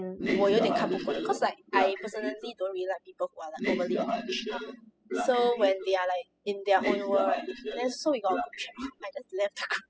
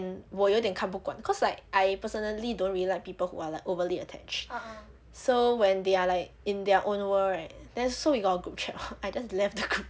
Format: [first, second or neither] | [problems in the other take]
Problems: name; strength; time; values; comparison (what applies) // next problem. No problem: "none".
second | noise reduction (classical method spectral subtraction)